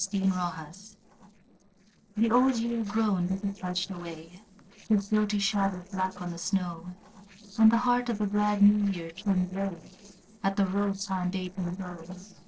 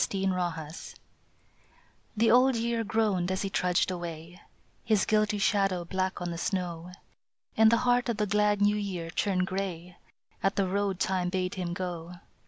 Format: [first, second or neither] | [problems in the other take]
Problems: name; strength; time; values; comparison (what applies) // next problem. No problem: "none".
second | noise reduction (neural separator model SepFormer DNS4)